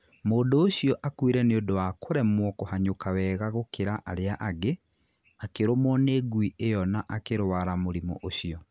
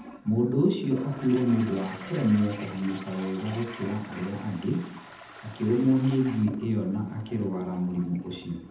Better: first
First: none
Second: background sound (Toilet flush); 18 dB below the speech // room echo; dies away in 0.8 s

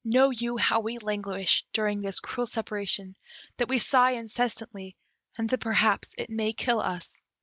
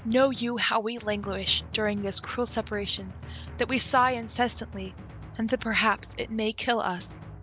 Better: first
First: none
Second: background sound (Drum); 14 dB below the speech

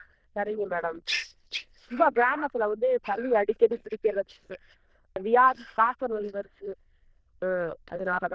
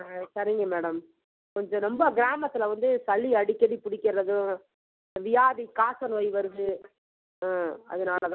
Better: second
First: noise reduction (neural diffusion model UNIVERSE++)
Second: none

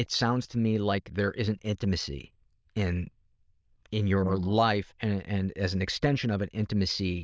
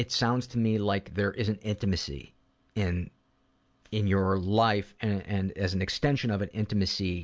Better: second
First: noise reduction (neural diffusion model UNIVERSE++)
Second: none

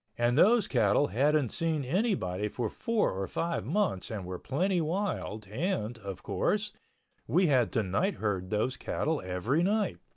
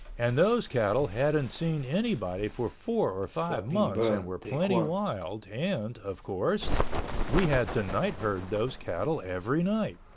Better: first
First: none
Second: background sound (Bird); 5 dB below the speech

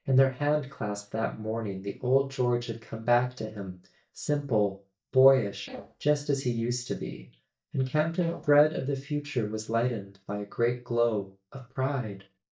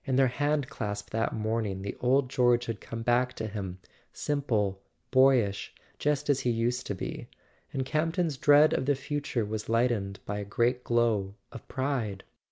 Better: second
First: noise reduction (neural mask model DeepFilterNet 3)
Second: none

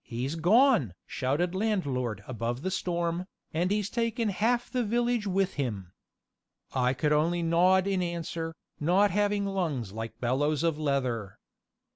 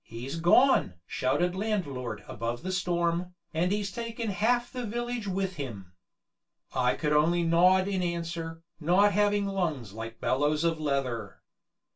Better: first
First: none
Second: room echo; dies away in 0.2 s

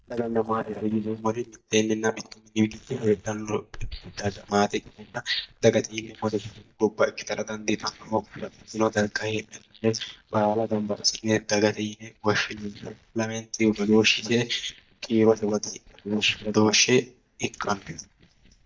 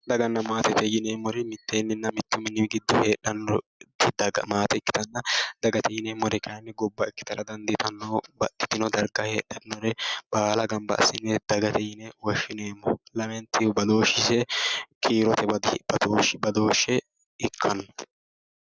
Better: second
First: noise reduction (neural mask model DeepFilterNet 3)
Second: none

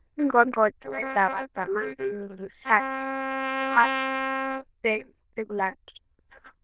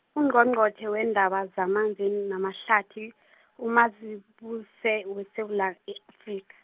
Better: second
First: noise reduction (neural diffusion model UNIVERSE++)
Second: none

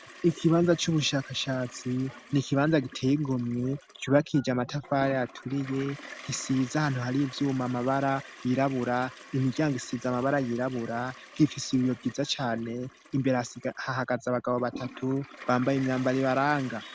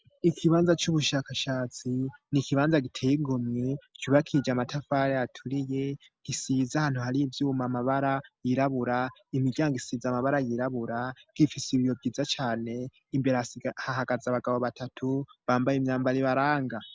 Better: second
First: background sound (Toilet flush); 19 dB below the speech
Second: none

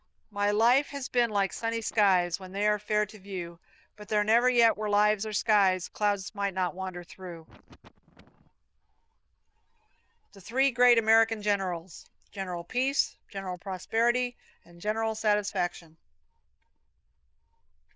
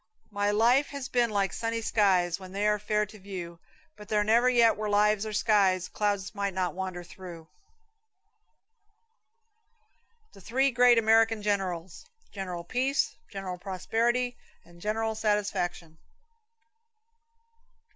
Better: second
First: noise reduction (neural diffusion model UNIVERSE++)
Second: none

